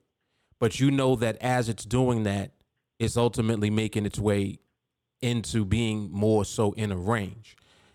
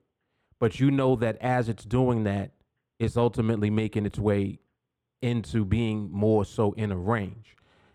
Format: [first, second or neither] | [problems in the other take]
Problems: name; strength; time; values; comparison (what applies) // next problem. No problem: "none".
first | muffled; slightly; fading above 3.5 kHz